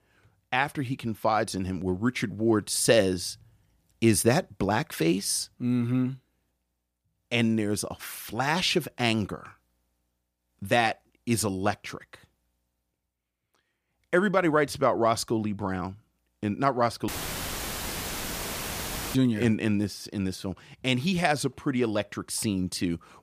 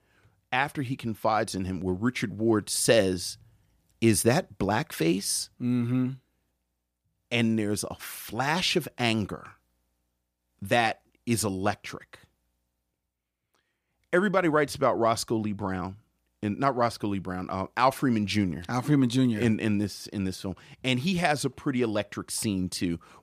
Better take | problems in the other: second | audio cutting out; filled with static; at 17 s for 2 s

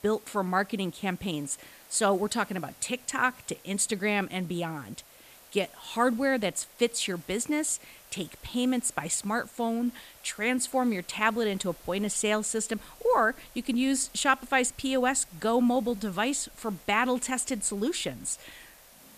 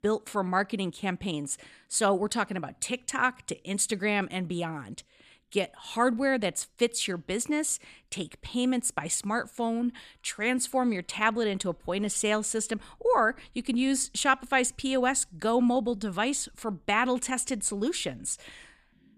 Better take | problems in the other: second | hiss; faint; throughout; 25 dB below the speech

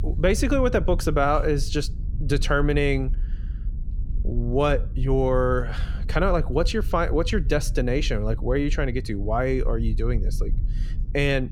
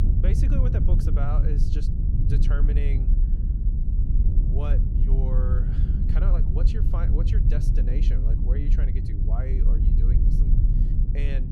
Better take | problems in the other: first | low rumble; loud; throughout; as loud as the speech; faint in the first

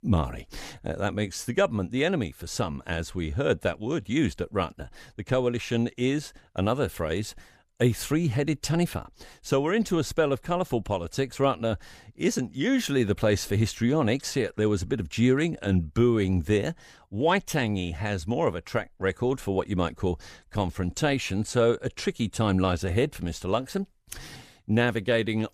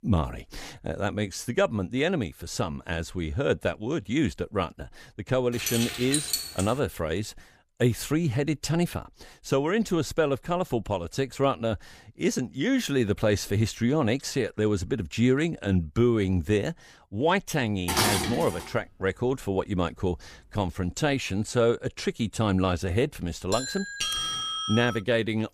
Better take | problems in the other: first | jangling keys; loud; from 5.5 to 6.5 s; peak 1 dB above the speech // clattering dishes; loud; at 18 s; peak 4 dB above the speech // doorbell; loud; from 24 to 25 s; peak 1 dB above the speech

